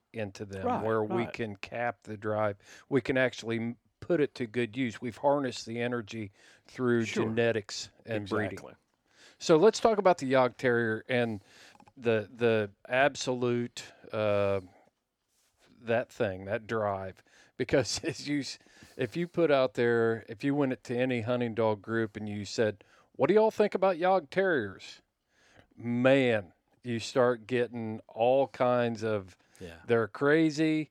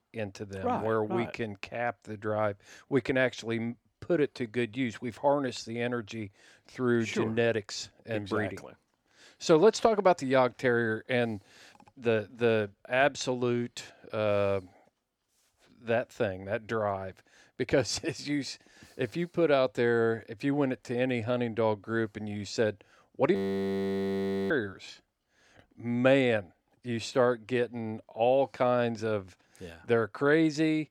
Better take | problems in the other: first | audio freezing; at 23 s for 1 s

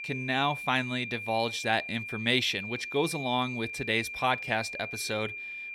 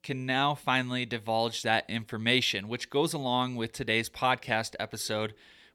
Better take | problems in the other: second | high-pitched whine; loud; throughout; 2.5 kHz, 7 dB below the speech

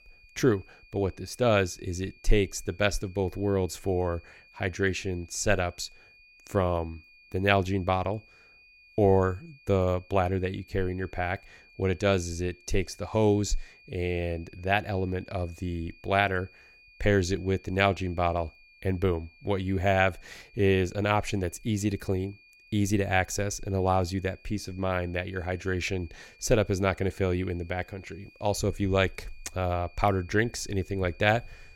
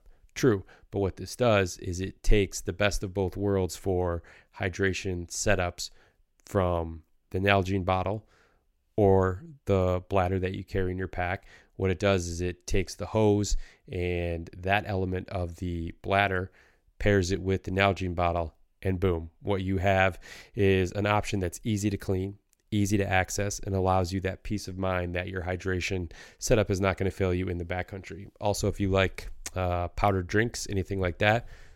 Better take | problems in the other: second | high-pitched whine; faint; throughout; 2.5 kHz, 25 dB below the speech

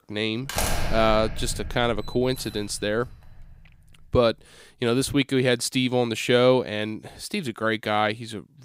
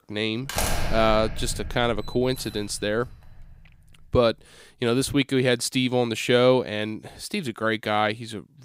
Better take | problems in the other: neither | household noises; loud; until 2.5 s; 8 dB below the speech; the same in both

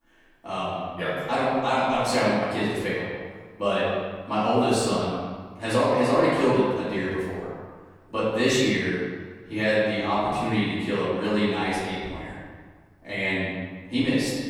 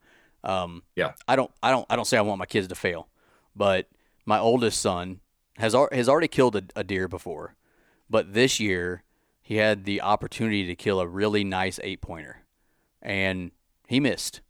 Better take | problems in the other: second | room echo; strong; dies away in 1.4 s // off-mic speech; far

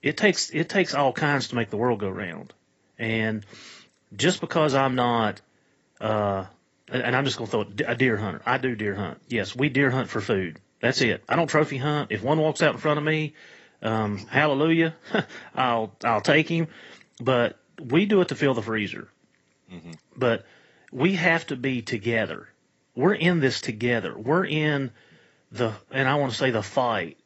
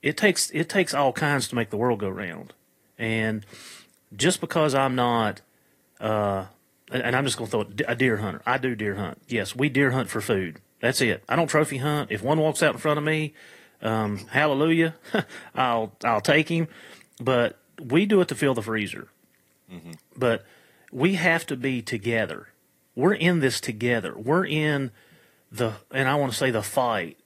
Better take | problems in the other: second | garbled, watery; badly; nothing above 8 kHz; slightly in the second

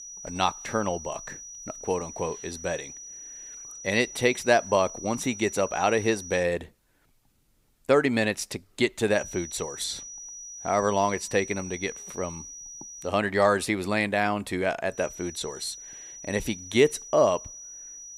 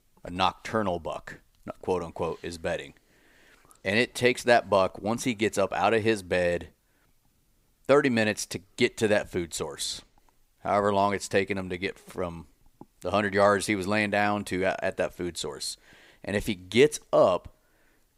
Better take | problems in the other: second | high-pitched whine; noticeable; until 6.5 s, from 9 to 13 s and from 15 s on; 6 kHz, 15 dB below the speech

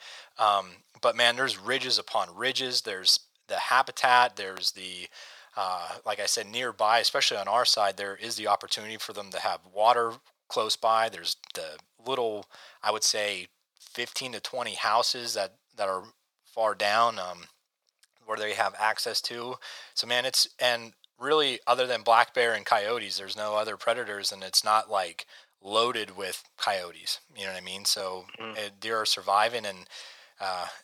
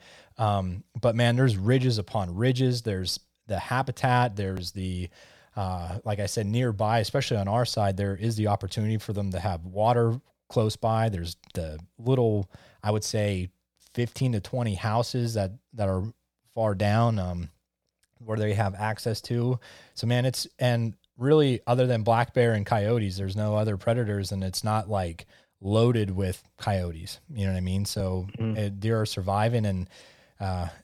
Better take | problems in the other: second | thin; very; fading below 750 Hz

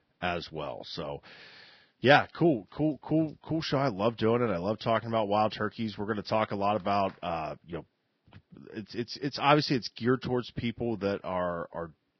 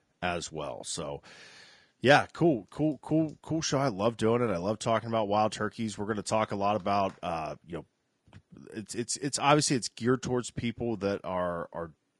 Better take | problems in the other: second | garbled, watery; badly; nothing above 5.5 kHz; slightly in the second

